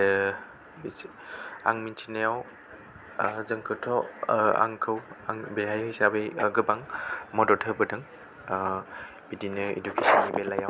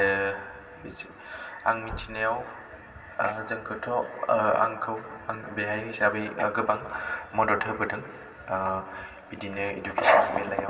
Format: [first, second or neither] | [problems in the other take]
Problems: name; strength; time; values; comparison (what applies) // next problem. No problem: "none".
first | background sound (Knock / Wood); 19 dB below the speech // room echo; dies away in 2.5 s